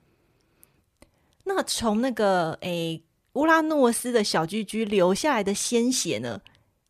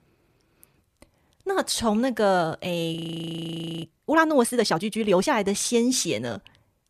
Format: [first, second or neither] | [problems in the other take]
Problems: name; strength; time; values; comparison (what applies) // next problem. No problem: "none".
first | audio freezing; at 3 s for 1 s